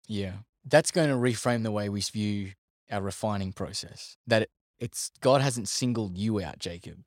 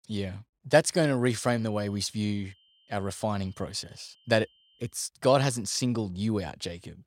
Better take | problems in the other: first | high-pitched whine; faint; from 1.5 to 5 s; 3 kHz, 35 dB below the speech

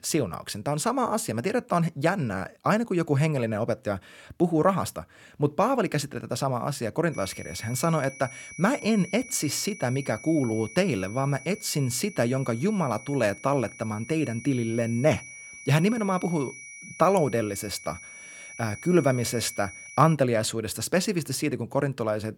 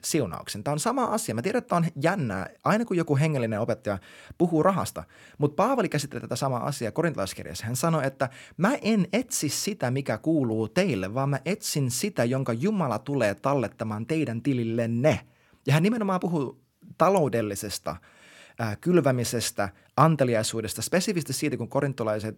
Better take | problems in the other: second | high-pitched whine; noticeable; from 7 to 20 s; 2.5 kHz, 15 dB below the speech

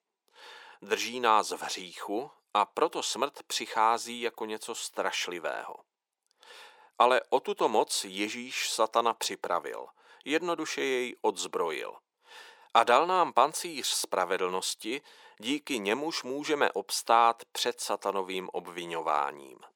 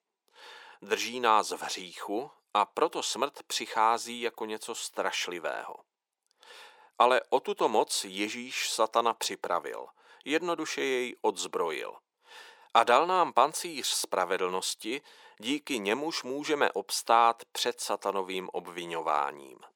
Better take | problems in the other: neither | thin; very; fading below 400 Hz; the same in both

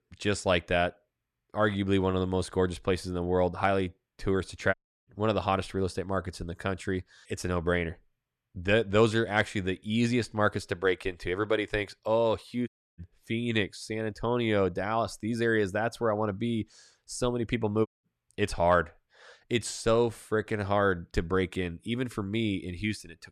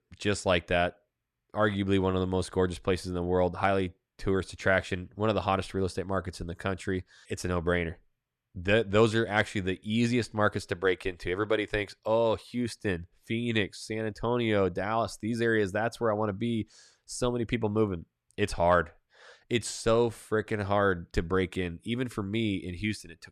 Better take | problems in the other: second | audio cutting out; at 4.5 s, at 13 s and at 18 s

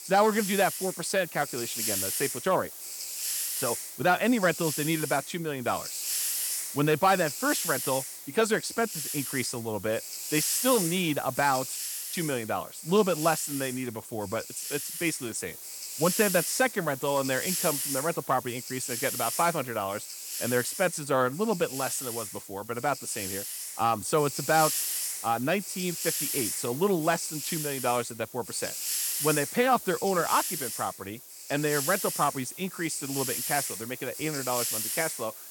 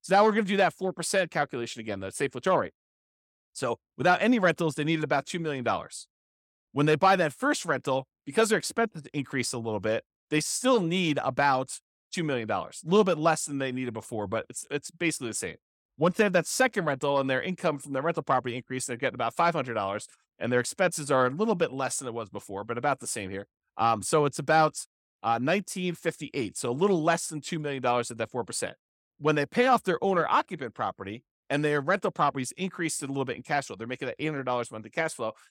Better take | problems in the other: second | hiss; loud; throughout; 3 dB below the speech

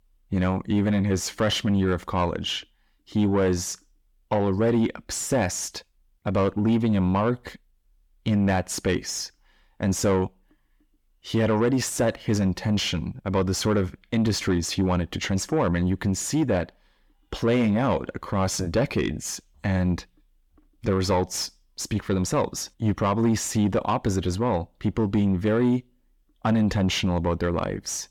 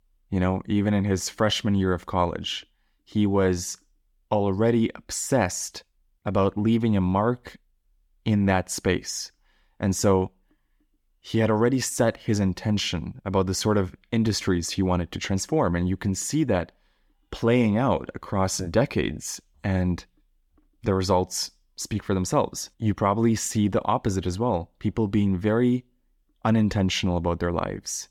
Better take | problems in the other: second | distortion; slight; 10 dB below the speech

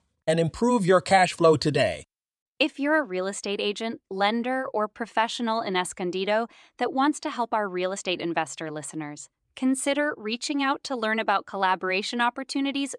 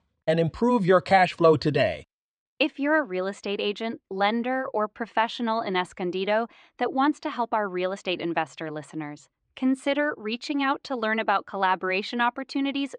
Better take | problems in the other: first | muffled; very slightly; fading above 3.5 kHz

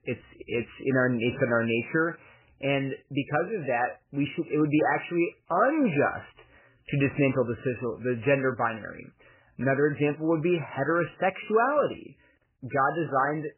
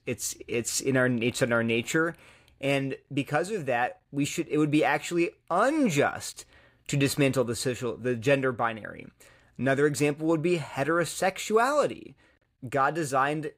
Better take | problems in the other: second | garbled, watery; badly; nothing above 3 kHz

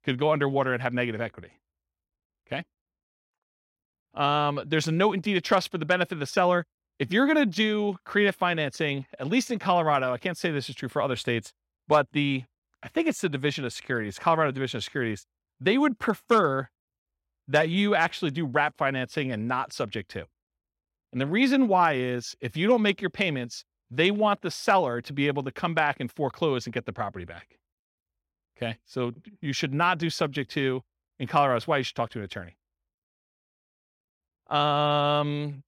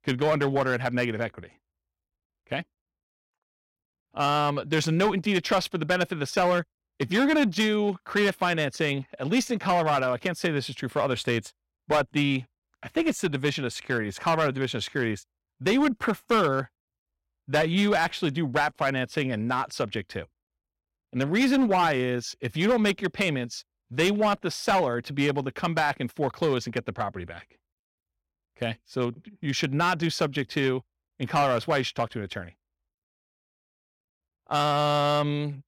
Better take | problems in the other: first | distortion; slight; 5% of the sound clipped

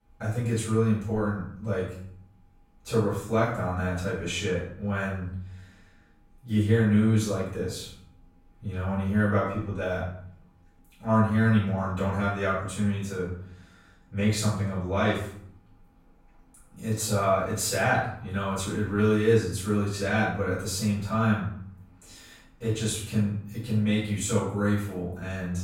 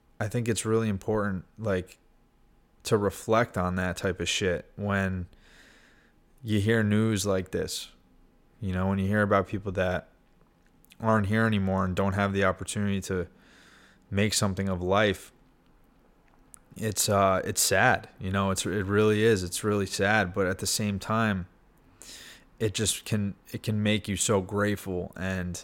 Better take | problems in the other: second | off-mic speech; far // room echo; noticeable; dies away in 0.6 s

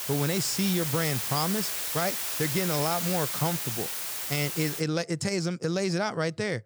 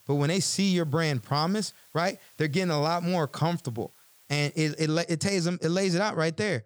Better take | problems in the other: second | hiss; loud; until 5 s; as loud as the speech; faint in the second

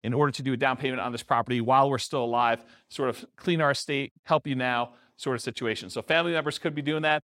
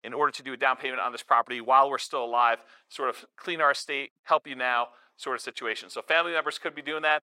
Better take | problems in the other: first | thin; very; fading below 550 Hz

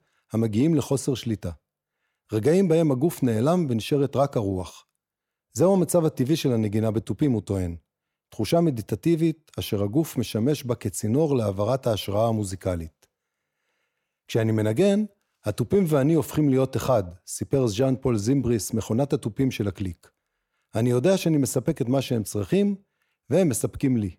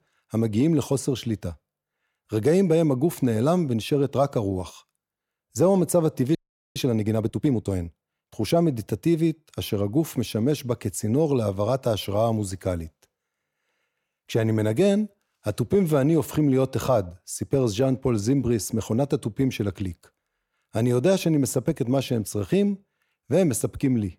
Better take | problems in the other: first | audio freezing; at 6.5 s

